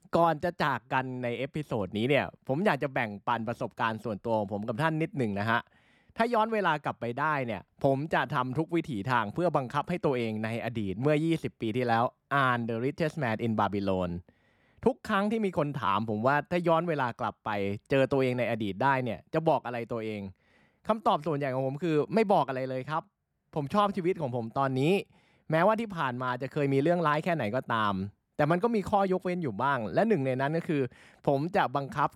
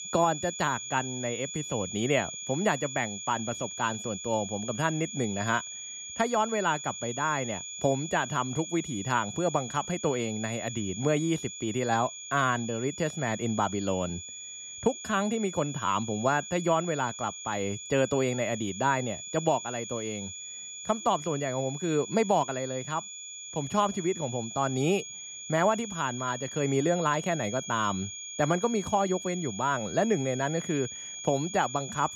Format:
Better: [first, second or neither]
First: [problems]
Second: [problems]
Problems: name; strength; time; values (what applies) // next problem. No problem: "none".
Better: first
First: none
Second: high-pitched whine; loud; throughout; 7 kHz, 8 dB below the speech